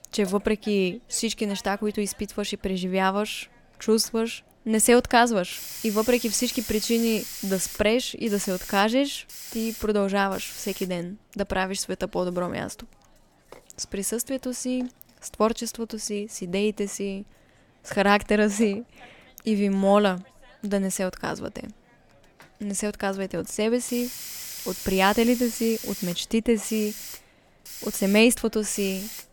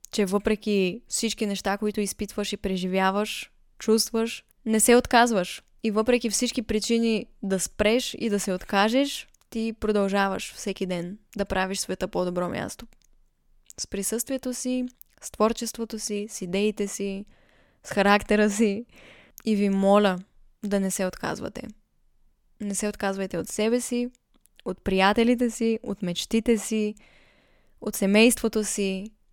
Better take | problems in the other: second | hiss; noticeable; throughout; 10 dB below the speech

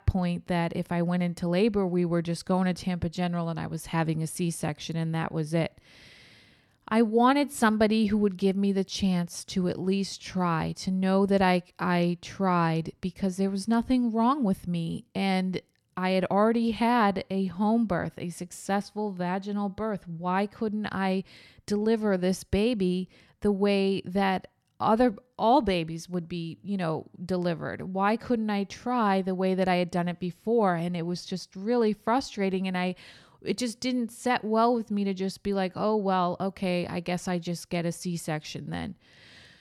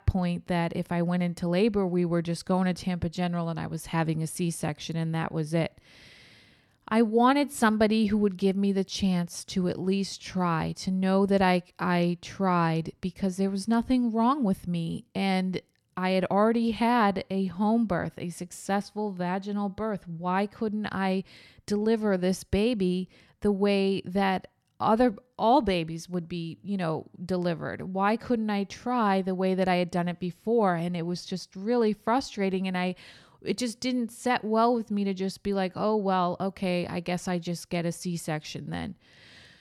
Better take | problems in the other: neither | none

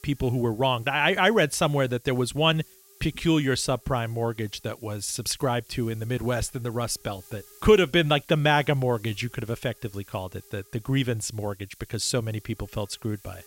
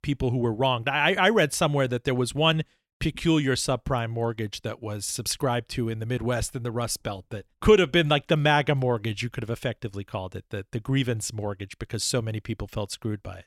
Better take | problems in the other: second | hiss; faint; throughout; 25 dB below the speech

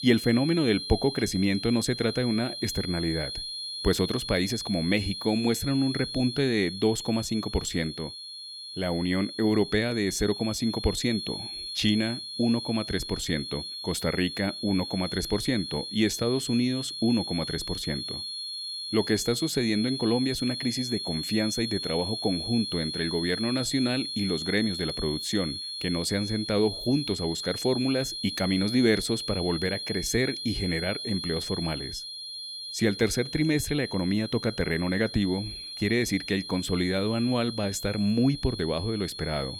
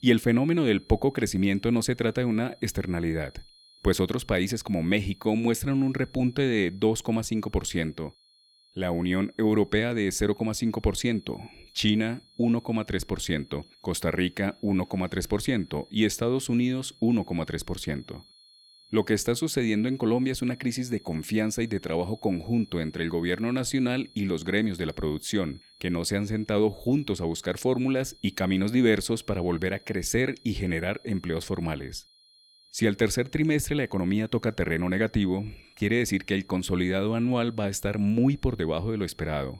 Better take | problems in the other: second | high-pitched whine; loud; throughout; 4.5 kHz, 6 dB below the speech; faint in the second

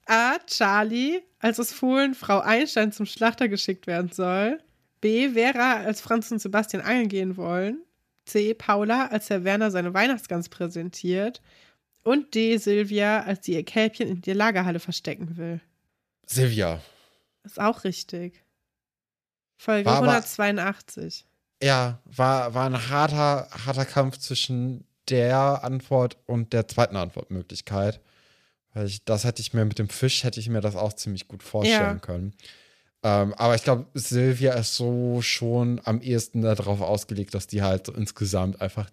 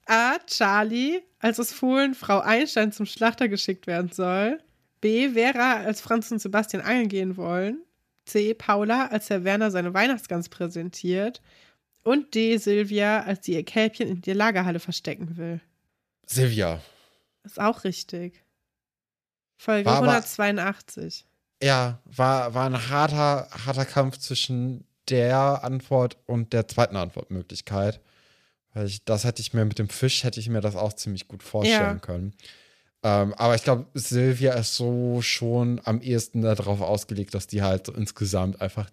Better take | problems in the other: neither | none

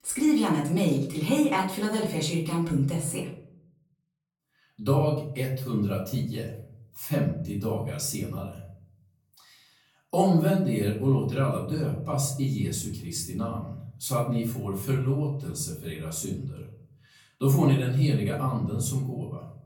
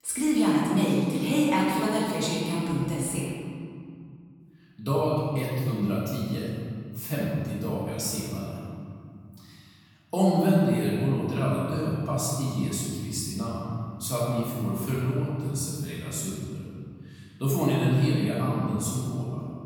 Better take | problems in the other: first | room echo; strong; dies away in 2.1 s; slight in the first // off-mic speech; far; far in the first

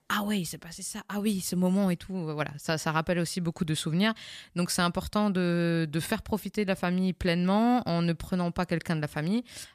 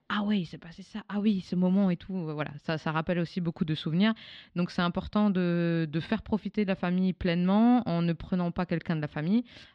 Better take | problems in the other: first | muffled; slightly; fading above 3.5 kHz

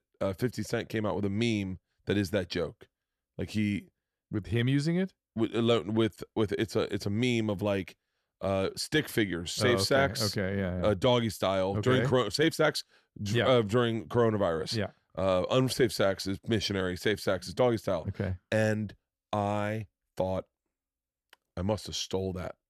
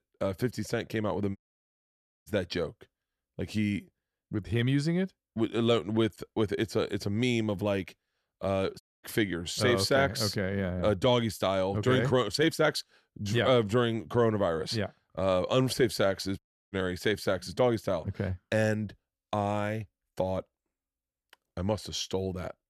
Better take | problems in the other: first | audio cutting out; at 1.5 s for 1 s, at 9 s and at 16 s

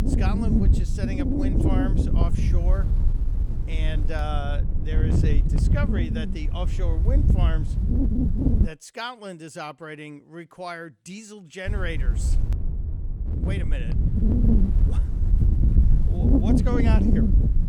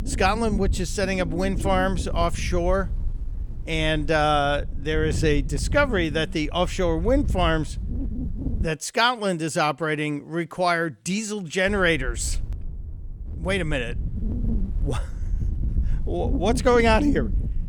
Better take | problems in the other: second | wind noise on the microphone; heavy; until 8.5 s and from 12 s on; 1 dB above the speech; occasional gusts in the second

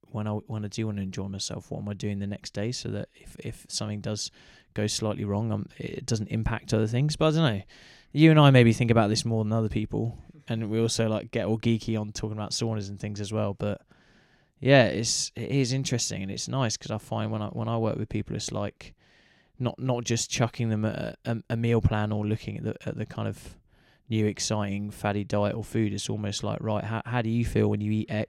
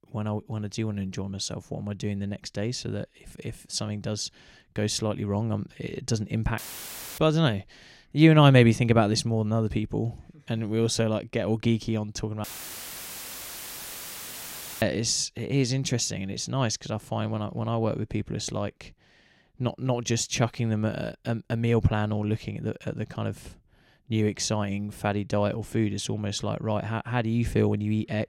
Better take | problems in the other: first | audio cutting out; filled with static; at 6.5 s for 0.5 s and at 12 s for 2.5 s

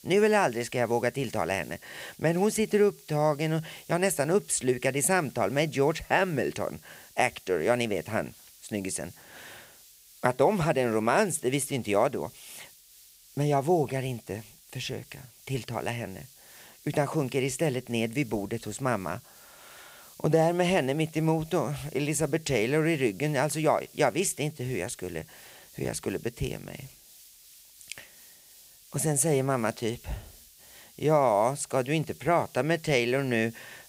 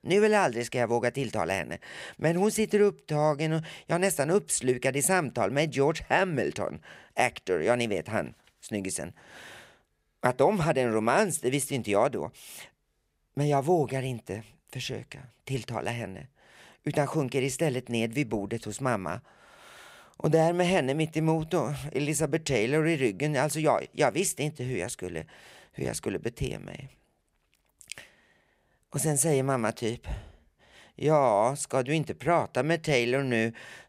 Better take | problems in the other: second | hiss; faint; throughout; 25 dB below the speech

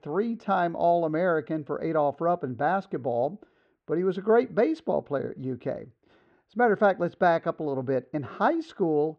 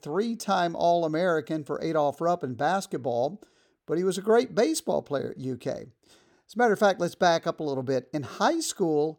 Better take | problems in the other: second | muffled; very; fading above 2.5 kHz

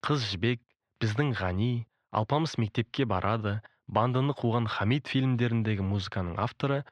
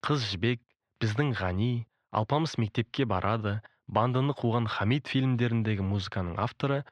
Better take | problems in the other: neither | muffled; slightly; fading above 3.5 kHz; the same in both

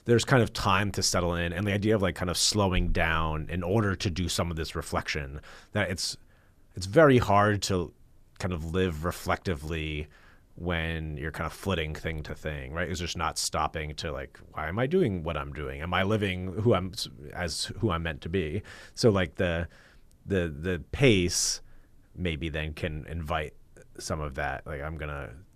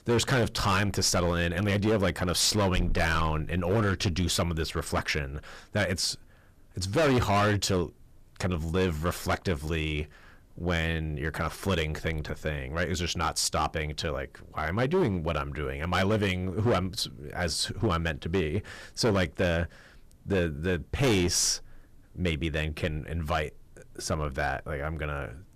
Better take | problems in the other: first | distortion; heavy; 7% of the sound clipped

